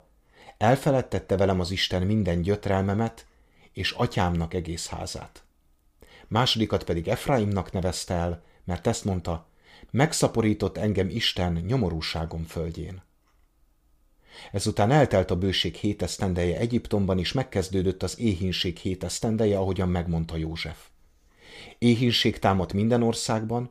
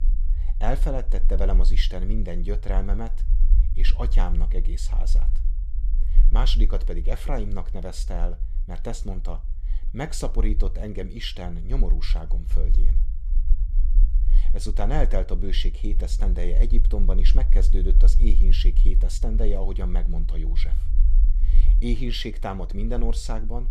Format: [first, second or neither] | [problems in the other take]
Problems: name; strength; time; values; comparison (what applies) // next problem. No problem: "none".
first | low rumble; noticeable; throughout; 15 dB below the speech